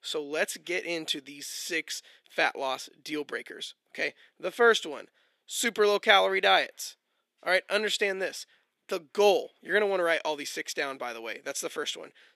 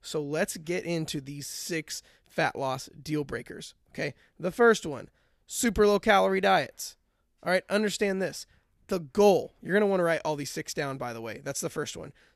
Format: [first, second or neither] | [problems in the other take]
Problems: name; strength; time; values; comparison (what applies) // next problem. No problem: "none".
second | thin; somewhat; fading below 300 Hz